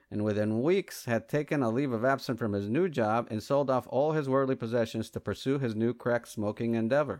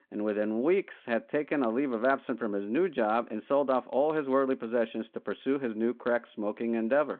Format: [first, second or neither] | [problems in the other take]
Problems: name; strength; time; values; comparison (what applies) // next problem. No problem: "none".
first | phone-call audio; nothing above 4 kHz